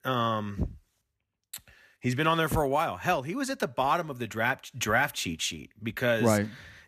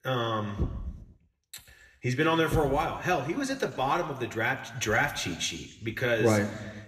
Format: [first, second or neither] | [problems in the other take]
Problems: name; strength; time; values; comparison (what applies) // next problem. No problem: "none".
first | room echo; slight; dies away in 1.1 s